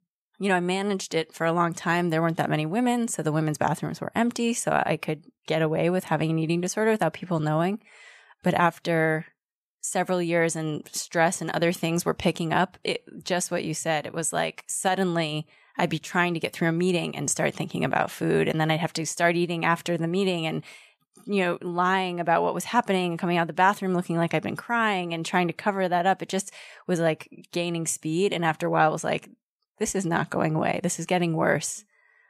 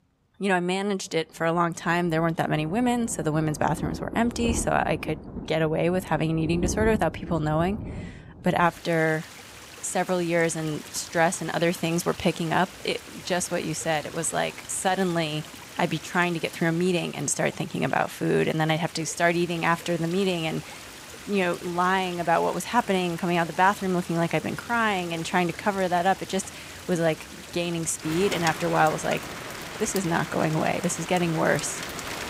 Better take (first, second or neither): first